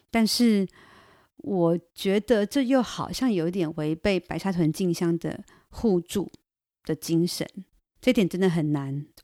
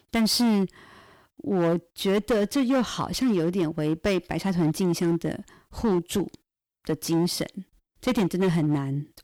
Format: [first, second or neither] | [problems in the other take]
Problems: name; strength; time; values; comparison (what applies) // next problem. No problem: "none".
first | distortion; slight; 10% of the sound clipped